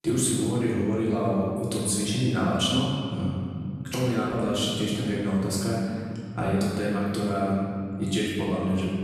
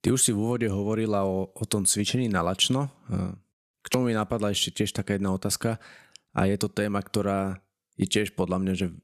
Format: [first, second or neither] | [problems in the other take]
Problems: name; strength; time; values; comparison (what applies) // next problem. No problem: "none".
second | room echo; strong; dies away in 2.7 s // off-mic speech; far